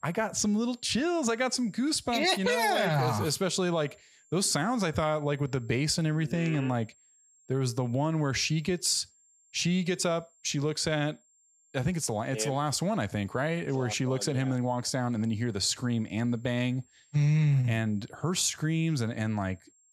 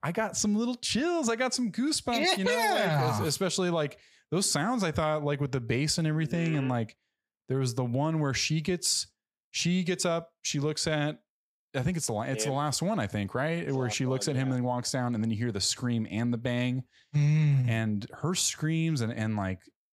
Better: second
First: high-pitched whine; faint; throughout; 7.5 kHz, 30 dB below the speech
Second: none

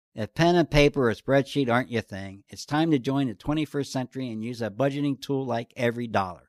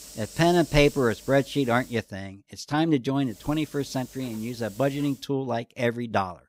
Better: first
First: none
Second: hiss; noticeable; until 2 s and from 3.5 to 5 s; 20 dB below the speech

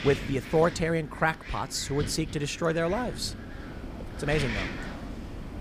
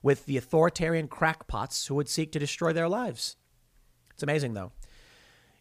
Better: second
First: wind noise on the microphone; occasional gusts; 10 dB below the speech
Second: none

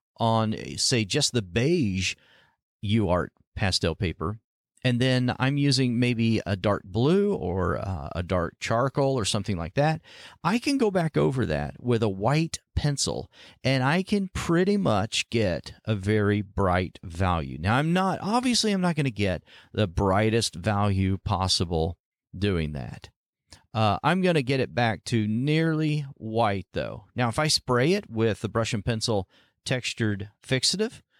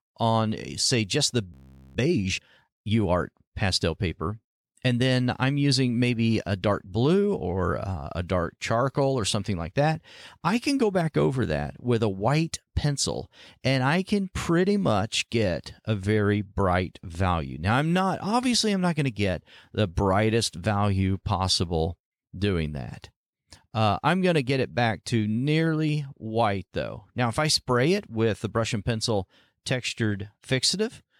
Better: first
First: none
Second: audio freezing; at 1.5 s

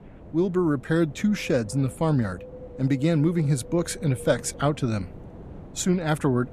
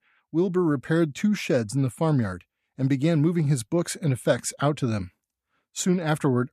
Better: second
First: wind noise on the microphone; occasional gusts; 15 dB below the speech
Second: none

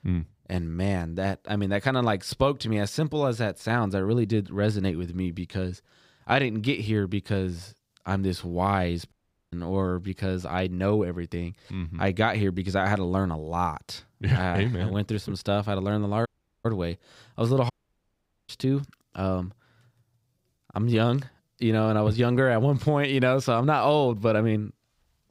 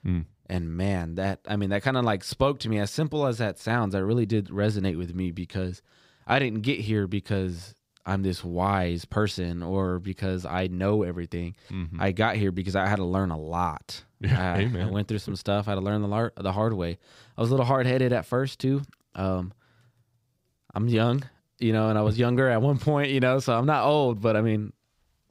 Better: second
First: audio cutting out; at 9 s, at 16 s and at 18 s for 1 s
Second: none

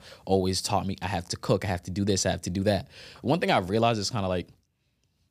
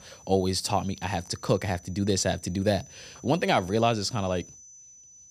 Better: first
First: none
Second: high-pitched whine; faint; throughout; 6 kHz, 20 dB below the speech

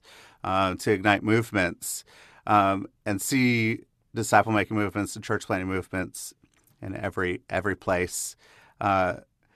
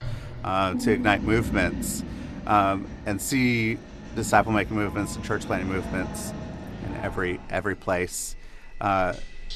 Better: first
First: none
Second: household noises; loud; throughout; 9 dB below the speech

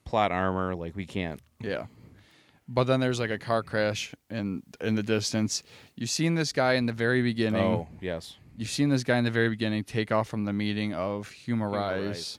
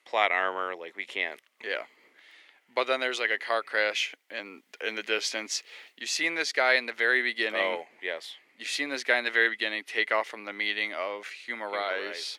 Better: first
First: none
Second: thin; very; fading below 350 Hz

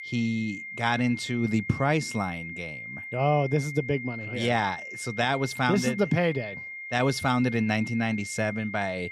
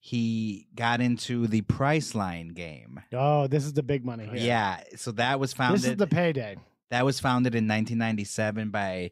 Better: second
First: high-pitched whine; loud; throughout; 2 kHz, 9 dB below the speech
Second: none

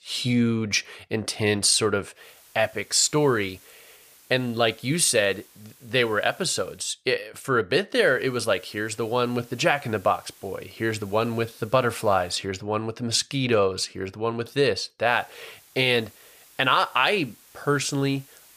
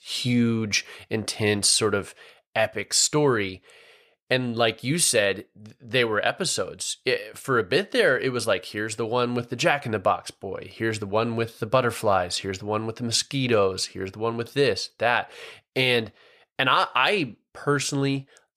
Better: second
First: hiss; faint; from 2 to 7 s, from 8 to 12 s and from 15 s on; 25 dB below the speech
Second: none

